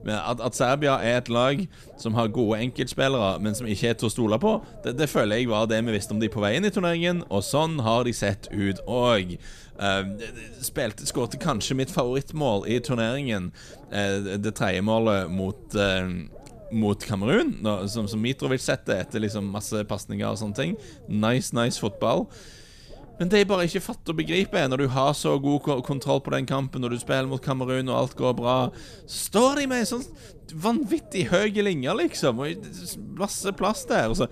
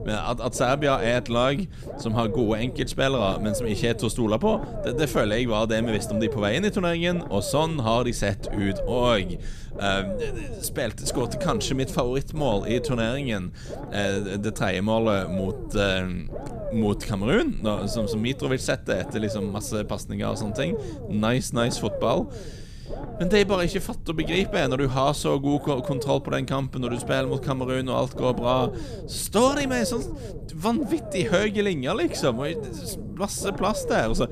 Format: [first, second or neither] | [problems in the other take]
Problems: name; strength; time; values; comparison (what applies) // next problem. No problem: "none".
first | low rumble; loud; throughout; 10 dB below the speech; faint in the first